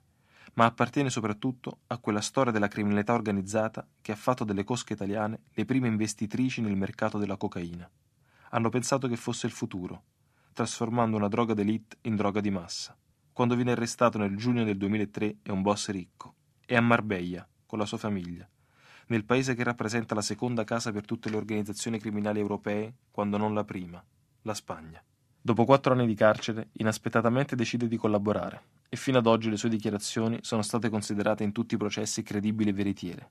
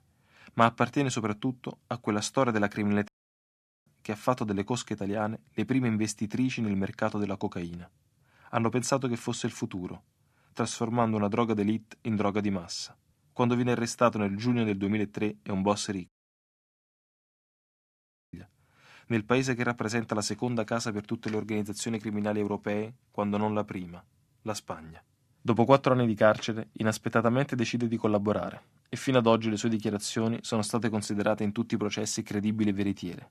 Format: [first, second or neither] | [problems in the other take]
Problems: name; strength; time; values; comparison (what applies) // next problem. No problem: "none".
first | audio cutting out; at 3 s for 1 s and at 16 s for 2.5 s